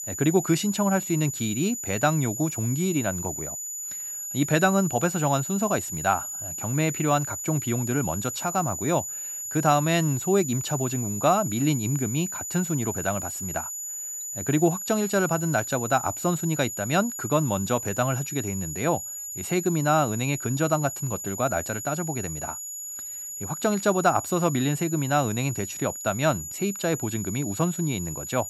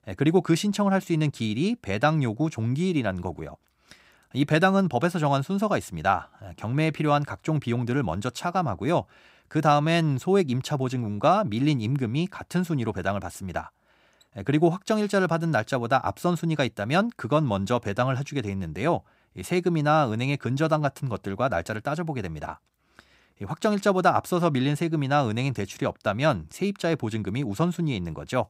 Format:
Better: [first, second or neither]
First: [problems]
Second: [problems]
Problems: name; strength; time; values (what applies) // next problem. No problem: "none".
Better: second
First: high-pitched whine; loud; throughout; 7 kHz, 6 dB below the speech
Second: none